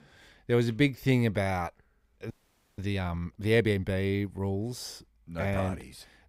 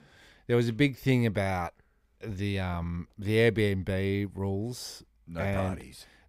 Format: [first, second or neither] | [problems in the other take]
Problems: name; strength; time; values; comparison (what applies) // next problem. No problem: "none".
second | audio freezing; at 2.5 s